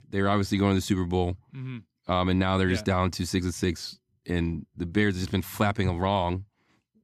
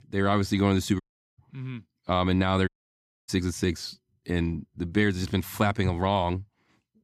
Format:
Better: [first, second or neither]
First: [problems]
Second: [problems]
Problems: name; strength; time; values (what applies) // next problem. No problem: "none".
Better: first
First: none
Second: audio cutting out; at 1 s and at 2.5 s for 0.5 s